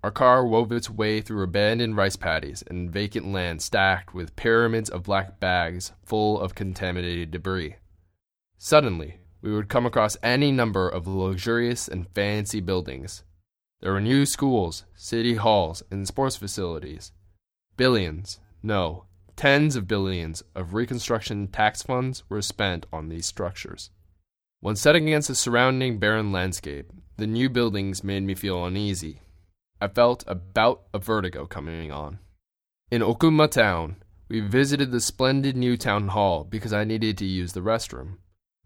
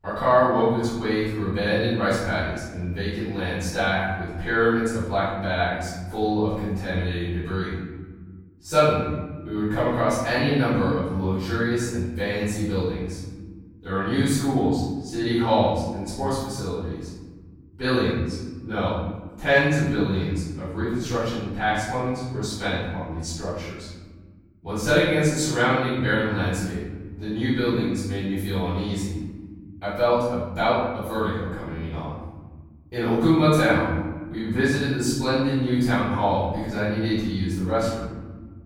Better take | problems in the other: first | off-mic speech; far // room echo; strong; dies away in 1.5 s

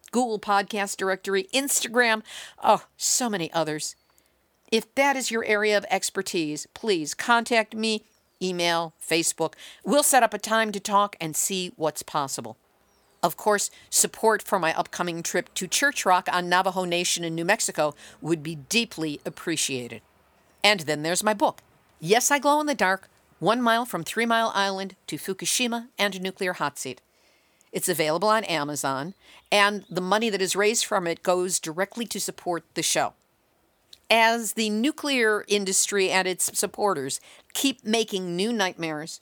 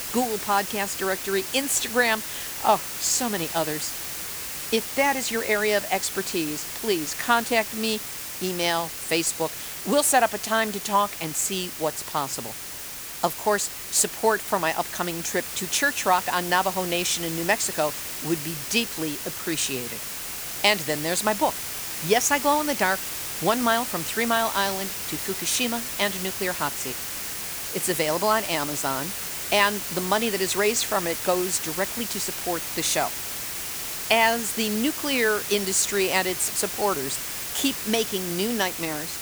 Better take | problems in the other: first | hiss; loud; throughout; 5 dB below the speech

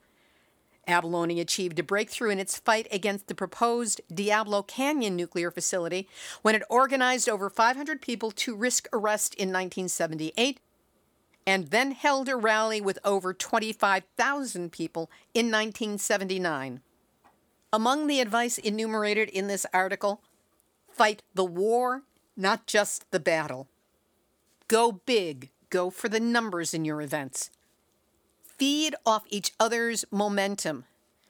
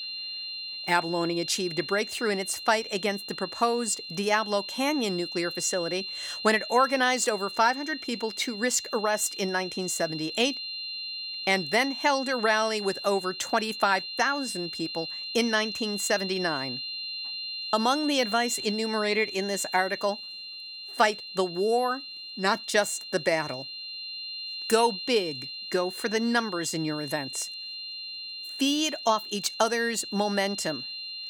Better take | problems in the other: first | high-pitched whine; loud; throughout; 4 kHz, 7 dB below the speech

